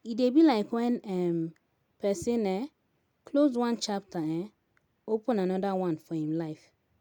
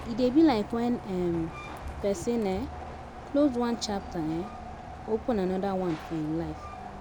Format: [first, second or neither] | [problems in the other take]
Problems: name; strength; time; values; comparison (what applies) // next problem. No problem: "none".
first | background sound (Bus + Train); 11 dB below the speech